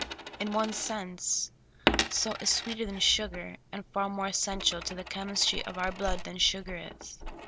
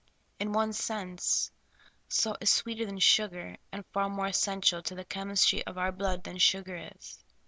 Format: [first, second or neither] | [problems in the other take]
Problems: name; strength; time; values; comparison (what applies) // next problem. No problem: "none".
second | background sound (Coin (dropping)); 6 dB below the speech